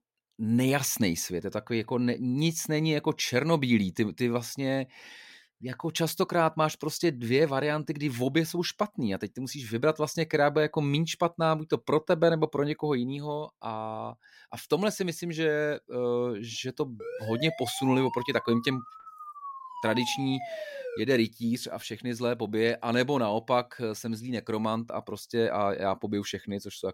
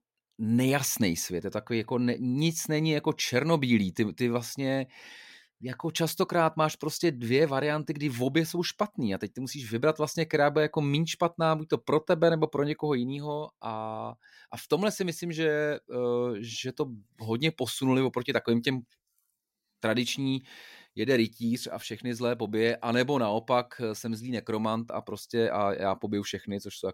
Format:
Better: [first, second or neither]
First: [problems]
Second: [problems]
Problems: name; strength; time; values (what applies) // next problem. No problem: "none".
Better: second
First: siren; noticeable; from 17 to 21 s; peak 8 dB below the speech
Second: none